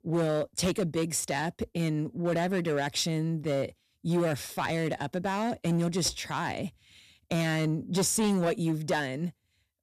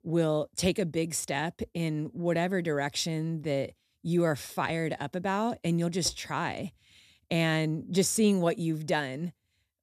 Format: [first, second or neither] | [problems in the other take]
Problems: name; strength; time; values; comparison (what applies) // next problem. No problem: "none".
second | distortion; slight; 8% of the sound clipped